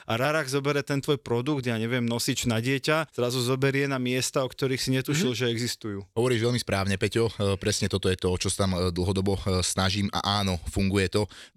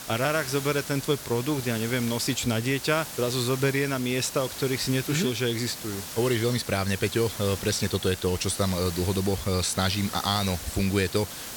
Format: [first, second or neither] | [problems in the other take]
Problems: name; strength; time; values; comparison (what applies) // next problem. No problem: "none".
first | hiss; loud; throughout; 9 dB below the speech